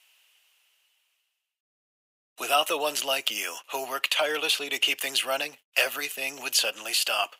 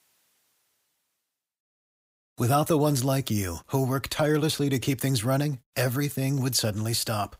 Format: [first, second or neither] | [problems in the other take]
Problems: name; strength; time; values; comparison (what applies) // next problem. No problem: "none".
second | thin; very; fading below 550 Hz